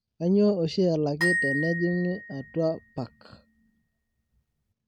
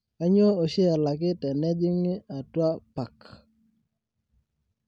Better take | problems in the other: second | background sound (Glockenspiel); 6 dB below the speech

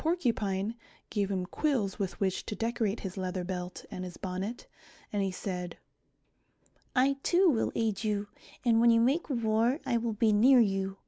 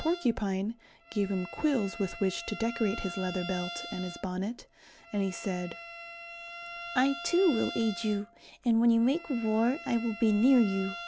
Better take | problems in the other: first | background sound (Bowed string instrument); 14 dB below the speech

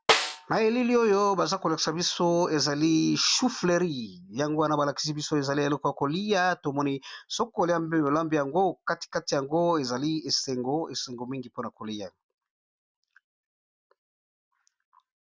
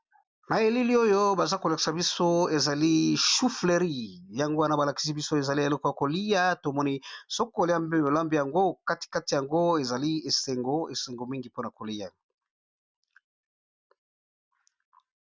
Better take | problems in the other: second | background sound (Snare drum); 2 dB below the speech

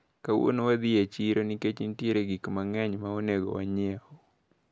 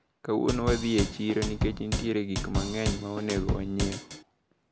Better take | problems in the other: first | background sound (Drum / Drum kit); 1 dB below the speech

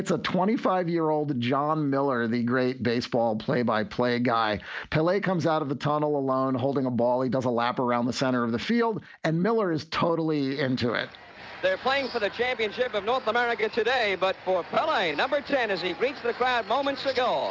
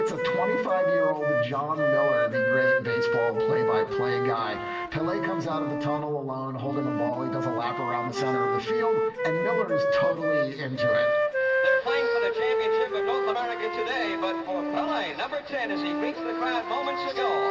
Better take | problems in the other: first | background sound (Wind instrument, woodwind instrument); 4 dB above the speech // room echo; dies away in 1 s

